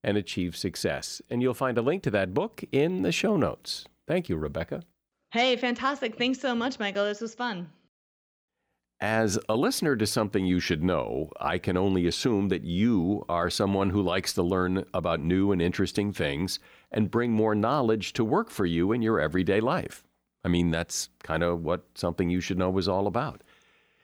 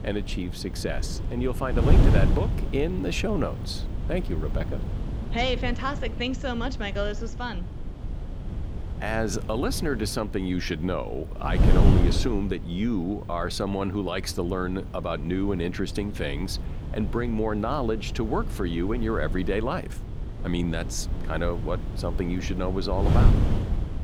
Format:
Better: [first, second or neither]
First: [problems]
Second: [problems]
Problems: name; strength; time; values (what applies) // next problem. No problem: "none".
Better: first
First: none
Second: wind noise on the microphone; heavy; 9 dB below the speech